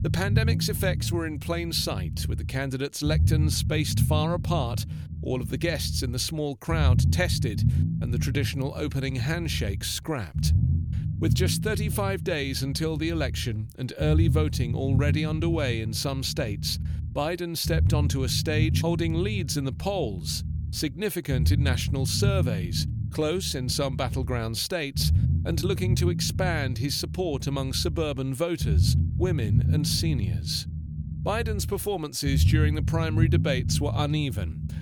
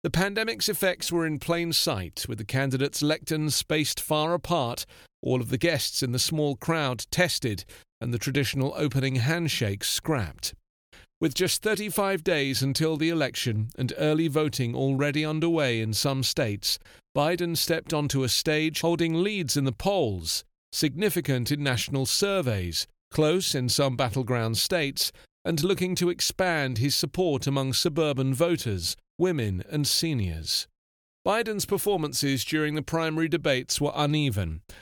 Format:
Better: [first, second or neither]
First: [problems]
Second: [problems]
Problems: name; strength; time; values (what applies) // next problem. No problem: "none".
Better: second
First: low rumble; loud; throughout; 10 dB below the speech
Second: none